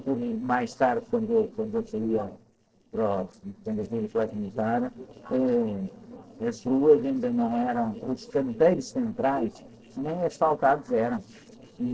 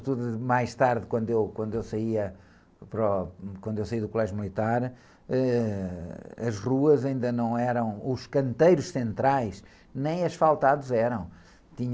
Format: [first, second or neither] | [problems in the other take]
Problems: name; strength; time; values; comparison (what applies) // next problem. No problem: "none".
second | noise reduction (neural separator model SepFormer DNS4)